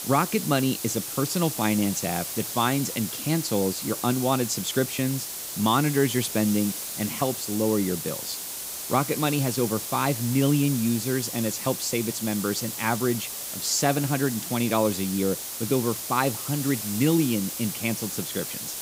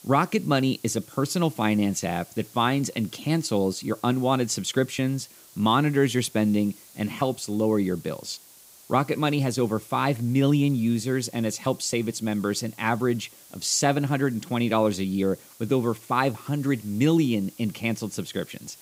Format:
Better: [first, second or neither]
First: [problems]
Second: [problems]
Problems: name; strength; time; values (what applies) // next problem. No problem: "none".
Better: second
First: hiss; loud; throughout; 5 dB below the speech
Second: hiss; faint; throughout; 20 dB below the speech